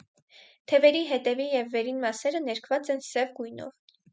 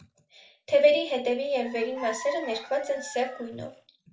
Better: first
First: none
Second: background sound (Chicken, rooster); 15 dB below the speech // room echo; dies away in 0.3 s

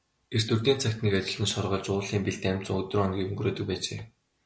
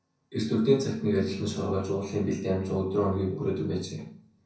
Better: first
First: none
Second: room echo; dies away in 0.6 s

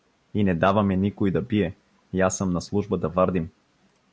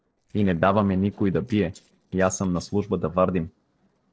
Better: first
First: none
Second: noise reduction (neural separator model SepFormer DNS4)

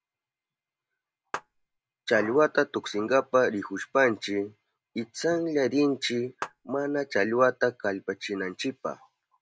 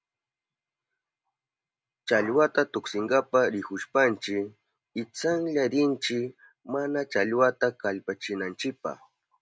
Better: second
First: background sound (Clapping); 11 dB below the speech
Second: none

